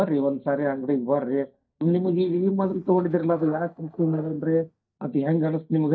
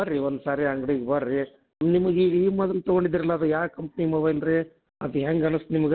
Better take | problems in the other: second | noise reduction (neural mask model DeepFilterNet 3)

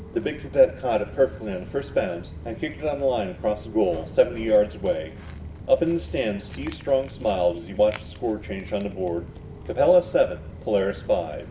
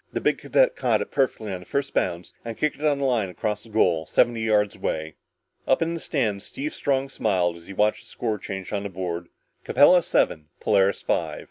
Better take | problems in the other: second | background sound (Walk, footsteps); 14 dB below the speech // room echo; dies away in 1.6 s

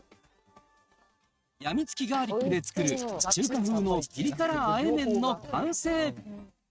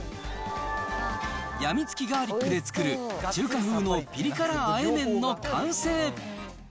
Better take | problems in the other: second | noise reduction (neural mask model RNNoise)

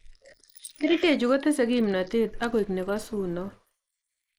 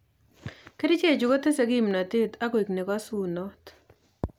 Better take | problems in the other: second | noise reduction (neural mask model Resemble Enhance denoiser)

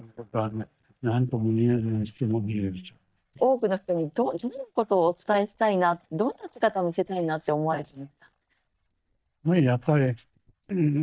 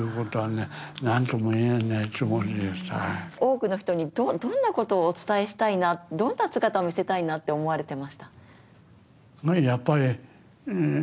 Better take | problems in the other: second | noise reduction (neural mask model DeepFilterNet 3)

